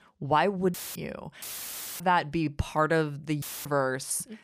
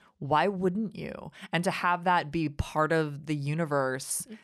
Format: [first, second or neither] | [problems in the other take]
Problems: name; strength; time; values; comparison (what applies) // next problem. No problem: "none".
second | audio cutting out; filled with static; at 0.5 s, at 1.5 s for 0.5 s and at 3.5 s